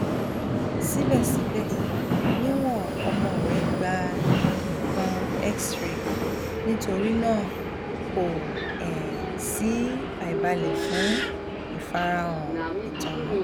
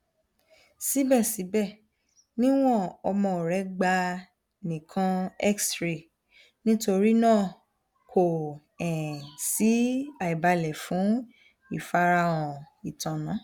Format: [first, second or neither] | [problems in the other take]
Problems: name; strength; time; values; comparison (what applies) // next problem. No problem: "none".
second | background sound (Subway, metro, underground); 3 dB above the speech